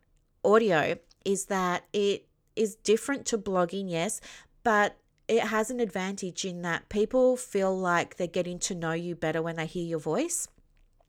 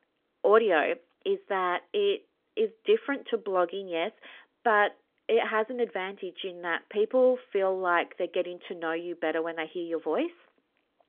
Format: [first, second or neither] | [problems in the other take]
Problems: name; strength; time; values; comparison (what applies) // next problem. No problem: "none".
first | phone-call audio; nothing above 3.5 kHz